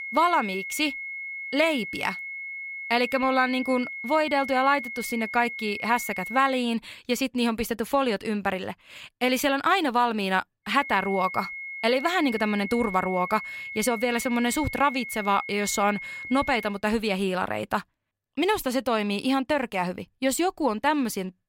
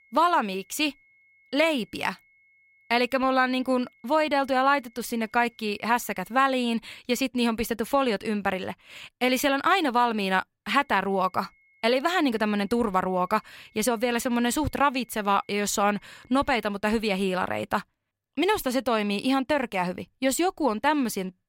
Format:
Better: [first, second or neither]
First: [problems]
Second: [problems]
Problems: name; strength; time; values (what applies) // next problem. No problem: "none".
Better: second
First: high-pitched whine; loud; until 6.5 s and from 11 to 17 s; 2 kHz, 8 dB below the speech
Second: high-pitched whine; faint; until 6.5 s and from 11 to 17 s; 2 kHz, 35 dB below the speech